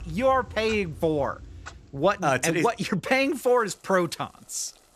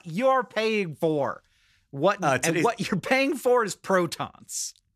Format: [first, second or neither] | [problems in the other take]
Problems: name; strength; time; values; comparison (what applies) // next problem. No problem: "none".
second | household noises; faint; throughout; 20 dB below the speech